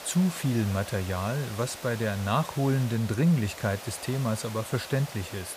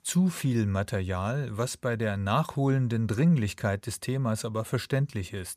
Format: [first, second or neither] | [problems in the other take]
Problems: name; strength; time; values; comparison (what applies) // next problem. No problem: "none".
second | hiss; noticeable; throughout; 10 dB below the speech